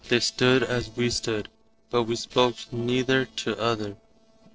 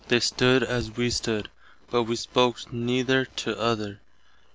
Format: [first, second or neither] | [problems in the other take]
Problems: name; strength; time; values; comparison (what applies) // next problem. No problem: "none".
second | noise reduction (neural separator model SepFormer DNS4)